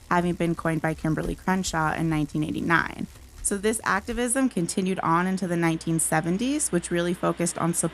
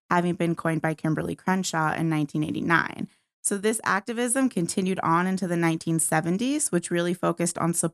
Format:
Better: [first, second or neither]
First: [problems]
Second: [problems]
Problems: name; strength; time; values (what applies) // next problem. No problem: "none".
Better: second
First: traffic noise; faint; throughout; 20 dB below the speech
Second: none